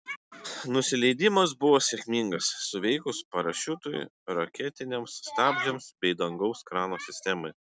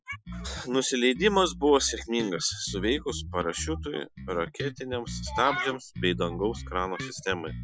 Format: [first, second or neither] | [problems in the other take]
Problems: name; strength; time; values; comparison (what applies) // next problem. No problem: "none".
first | noise reduction (classical method Wiener filter)